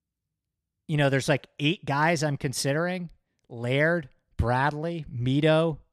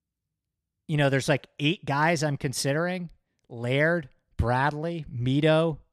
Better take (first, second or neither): neither